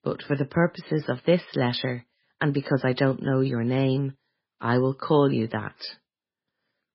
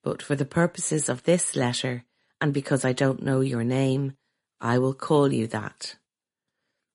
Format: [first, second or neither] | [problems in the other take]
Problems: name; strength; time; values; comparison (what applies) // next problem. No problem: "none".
second | garbled, watery; badly; nothing above 5 kHz; slightly in the second